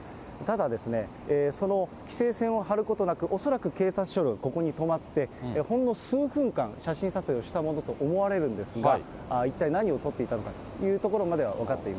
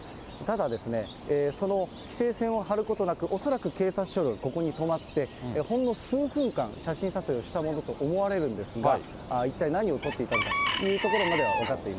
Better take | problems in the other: first | background sound (Bird / Chicken, rooster); 9 dB below the speech

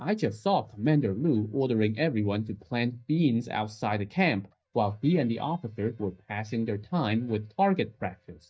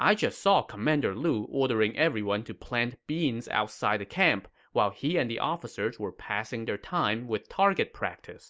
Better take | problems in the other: second | noise reduction (neural mask model DeepFilterNet 3)

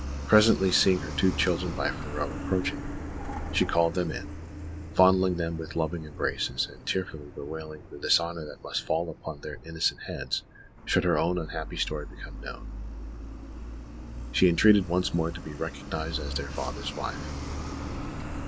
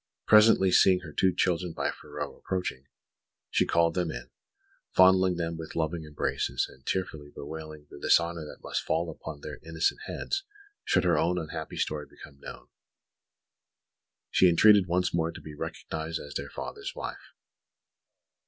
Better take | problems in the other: second | background sound (Truck); 8 dB below the speech

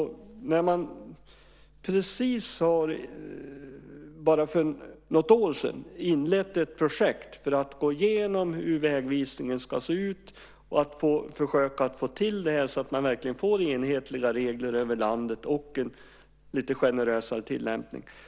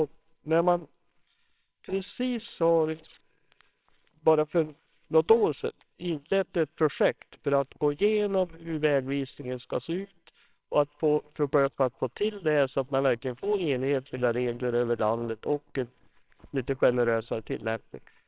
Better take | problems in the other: first | noise reduction (neural separator model SepFormer WHAMR!)

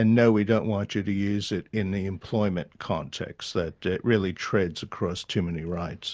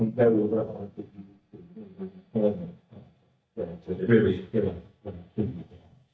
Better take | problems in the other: first | noise reduction (neural mask model DeepFilterNet 3)

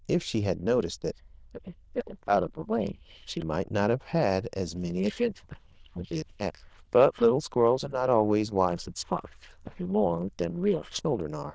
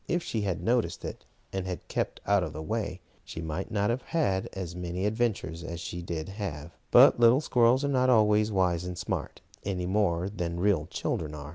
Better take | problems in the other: second | noise reduction (neural diffusion model UNIVERSE++)

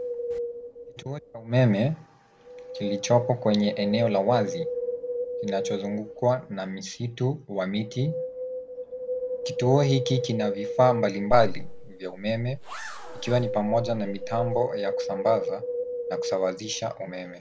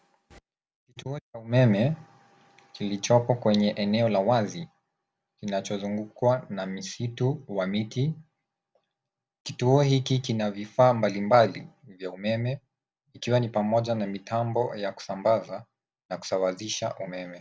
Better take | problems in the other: second | background sound (Wind + Zipper (clothing)); 5 dB below the speech

